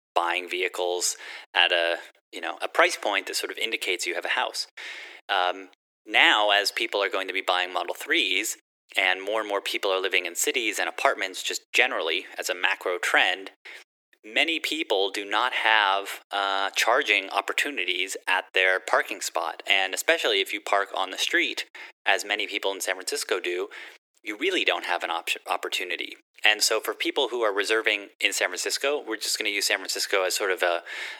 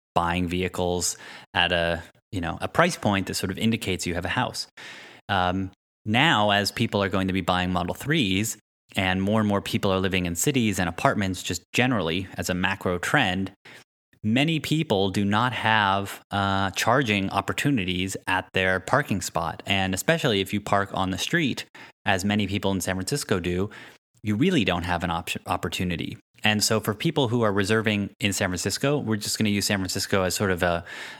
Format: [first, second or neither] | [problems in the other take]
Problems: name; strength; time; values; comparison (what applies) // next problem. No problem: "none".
second | thin; very; fading below 350 Hz